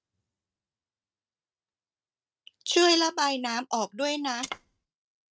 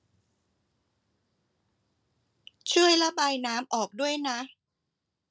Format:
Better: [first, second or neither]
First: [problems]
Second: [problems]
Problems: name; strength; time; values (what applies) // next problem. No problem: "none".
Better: second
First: noise reduction (neural mask model RNNoise)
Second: none